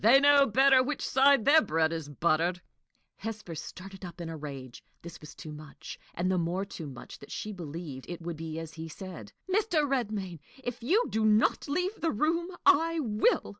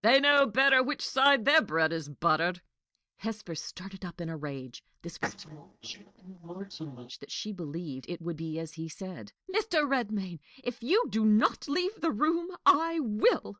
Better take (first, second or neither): first